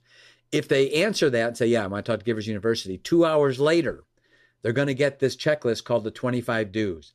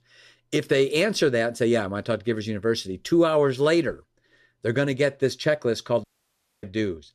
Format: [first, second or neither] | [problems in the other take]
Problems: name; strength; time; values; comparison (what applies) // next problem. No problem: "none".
first | audio cutting out; at 6 s for 0.5 s